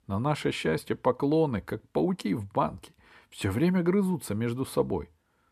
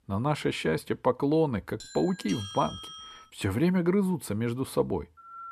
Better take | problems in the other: first | doorbell; faint; from 2 to 3.5 s; peak 10 dB below the speech // phone ringing; faint; at 5 s; peak 15 dB below the speech

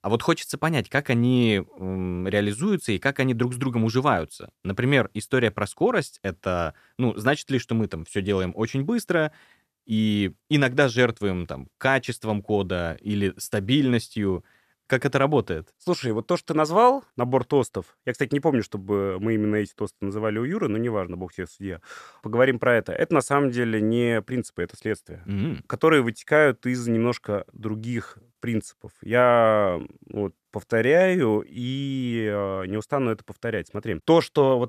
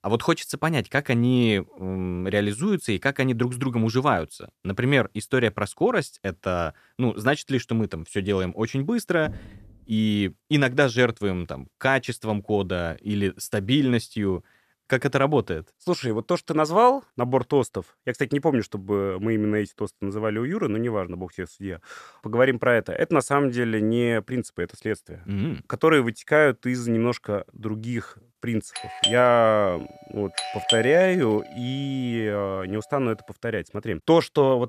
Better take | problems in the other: first | door banging; faint; at 9 s; peak 15 dB below the speech // doorbell; loud; from 29 to 31 s; peak 1 dB above the speech

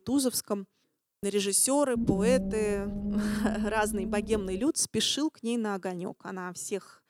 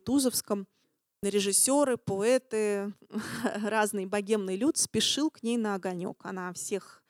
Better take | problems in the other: second | low rumble; loud; from 2 to 4.5 s; 8 dB below the speech

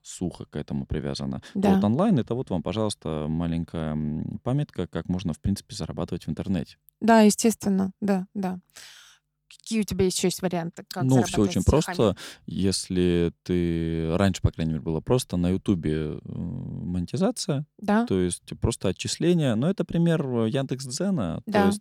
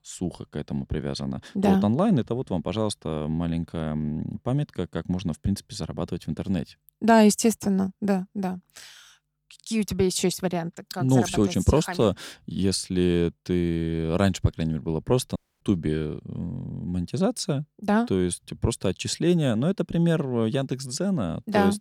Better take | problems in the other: first | audio cutting out; at 15 s

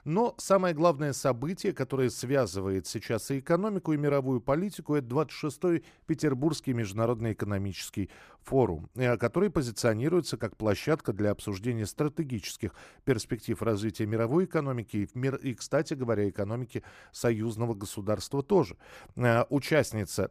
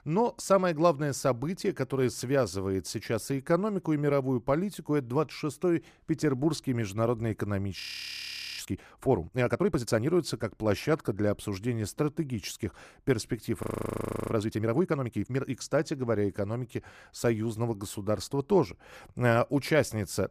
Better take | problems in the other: first | audio freezing; at 8 s for 1 s and at 14 s for 0.5 s

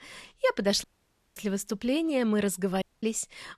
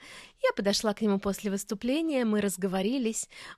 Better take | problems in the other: second | audio cutting out; at 1 s for 0.5 s and at 3 s

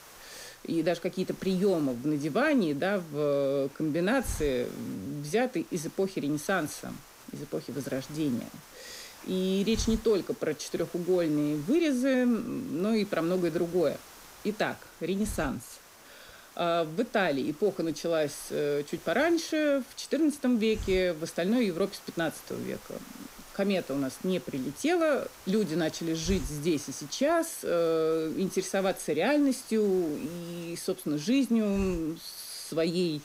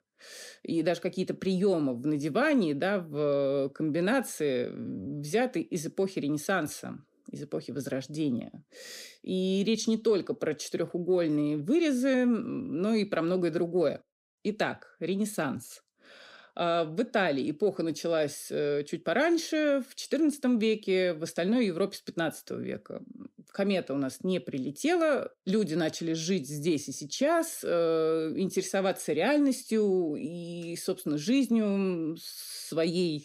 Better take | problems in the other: second | hiss; noticeable; throughout; 20 dB below the speech

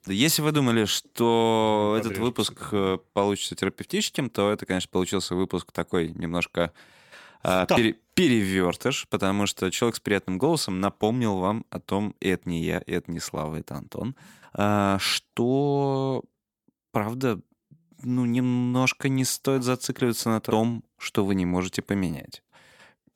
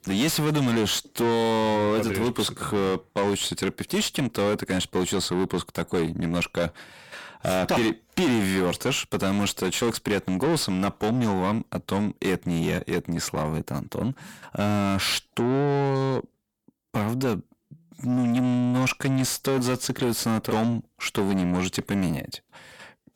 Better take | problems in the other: first | distortion; heavy; 7 dB below the speech

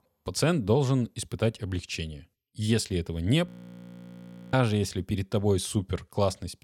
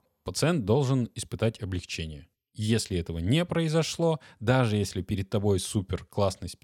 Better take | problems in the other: second | audio freezing; at 3.5 s for 1 s

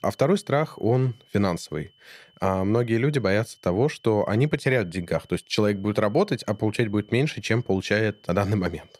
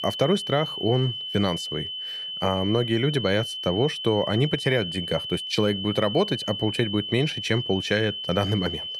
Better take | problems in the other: first | high-pitched whine; loud; throughout; 3 kHz, 5 dB below the speech; faint in the first

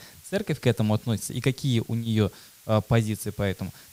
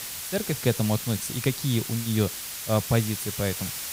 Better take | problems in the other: first | hiss; loud; throughout; 5 dB below the speech; faint in the first

